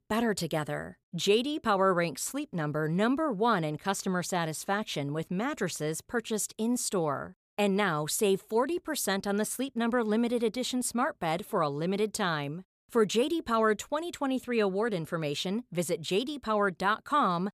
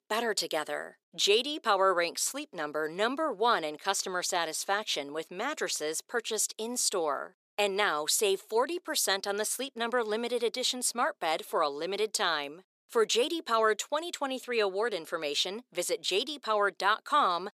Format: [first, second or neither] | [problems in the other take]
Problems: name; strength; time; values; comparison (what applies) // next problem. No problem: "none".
first | thin; somewhat; fading below 350 Hz